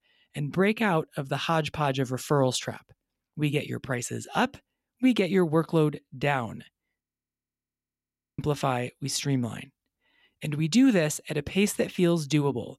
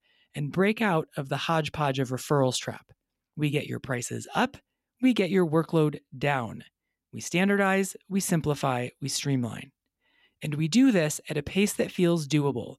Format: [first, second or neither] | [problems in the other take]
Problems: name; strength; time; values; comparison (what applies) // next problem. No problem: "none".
second | audio freezing; at 7 s for 1.5 s